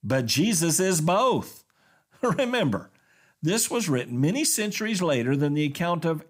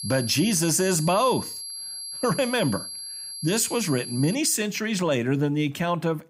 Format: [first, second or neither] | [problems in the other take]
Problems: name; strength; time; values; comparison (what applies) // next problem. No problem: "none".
first | high-pitched whine; loud; until 4.5 s; 4.5 kHz, 9 dB below the speech